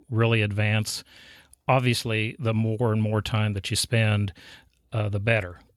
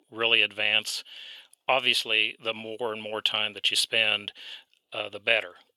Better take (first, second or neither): first